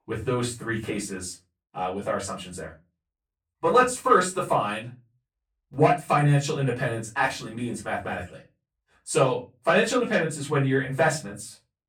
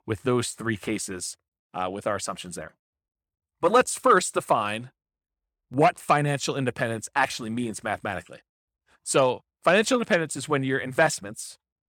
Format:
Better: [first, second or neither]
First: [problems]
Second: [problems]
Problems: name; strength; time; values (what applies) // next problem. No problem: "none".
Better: second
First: off-mic speech; far // room echo; very slight; dies away in 0.3 s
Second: none